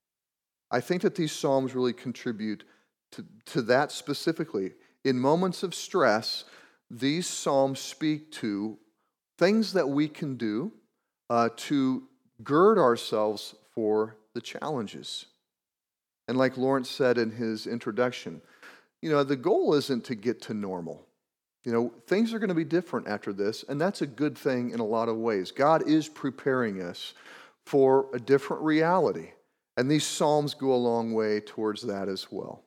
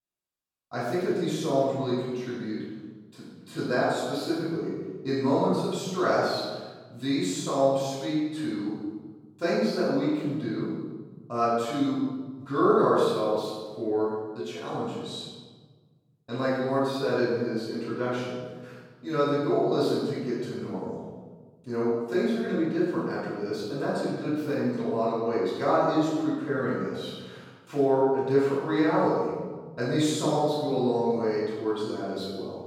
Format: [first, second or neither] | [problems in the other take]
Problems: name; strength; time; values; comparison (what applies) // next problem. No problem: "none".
first | off-mic speech; far // room echo; strong; dies away in 1.3 s